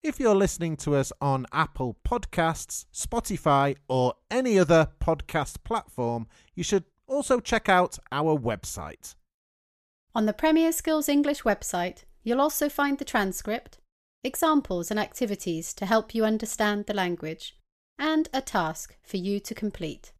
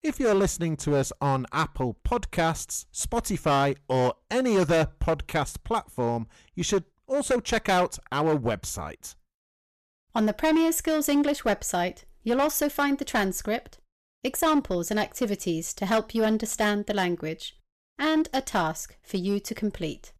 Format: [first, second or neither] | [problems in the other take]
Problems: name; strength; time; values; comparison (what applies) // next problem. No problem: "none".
first | distortion; slight; 7% of the sound clipped